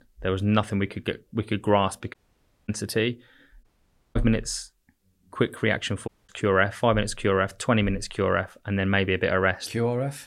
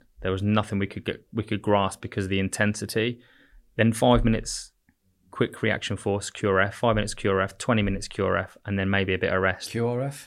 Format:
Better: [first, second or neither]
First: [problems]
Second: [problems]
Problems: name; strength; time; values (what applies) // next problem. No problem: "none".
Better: second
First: audio cutting out; at 2 s for 0.5 s, at 3.5 s for 0.5 s and at 6 s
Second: none